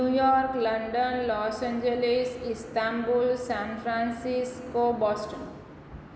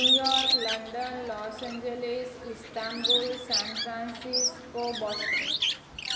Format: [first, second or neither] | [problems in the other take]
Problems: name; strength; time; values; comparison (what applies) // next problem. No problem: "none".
first | background sound (Bird); 4 dB above the speech